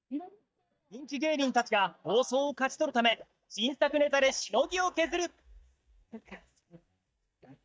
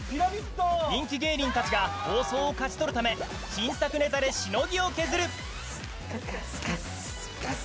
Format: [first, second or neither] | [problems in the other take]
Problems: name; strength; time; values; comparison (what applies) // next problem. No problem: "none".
second | noise reduction (neural mask model DeepFilterNet 3)